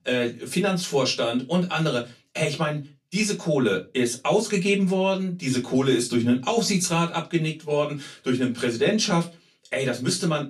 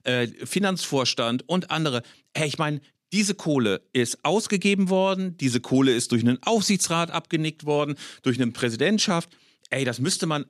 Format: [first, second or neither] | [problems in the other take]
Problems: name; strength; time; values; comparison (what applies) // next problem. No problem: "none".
second | off-mic speech; far // room echo; very slight; dies away in 0.2 s